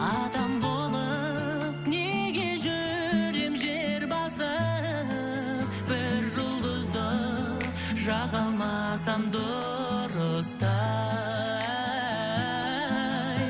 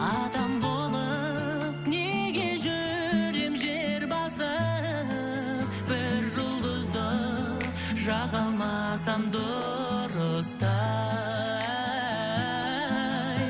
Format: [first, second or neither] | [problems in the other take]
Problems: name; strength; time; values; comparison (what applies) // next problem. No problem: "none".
first | background sound (Brass instrument); 17 dB below the speech